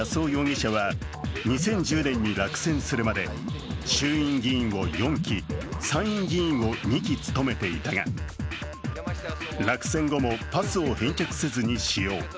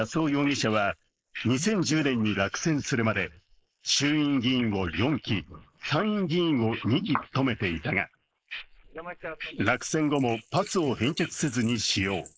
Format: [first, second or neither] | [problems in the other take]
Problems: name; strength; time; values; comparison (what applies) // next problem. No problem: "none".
first | noise reduction (neural mask model Resemble Enhance denoiser)